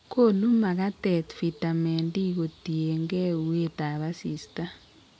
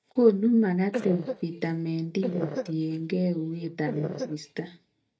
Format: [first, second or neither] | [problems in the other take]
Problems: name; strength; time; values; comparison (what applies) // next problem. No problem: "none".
first | noise reduction (neural mask model DeepFilterNet 3)